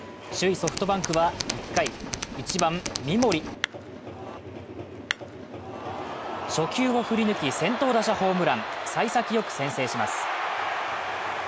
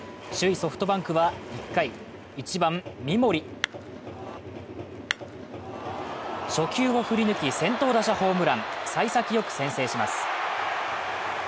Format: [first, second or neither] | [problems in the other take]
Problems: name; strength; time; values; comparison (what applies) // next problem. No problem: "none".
second | background sound (Tools); 7 dB below the speech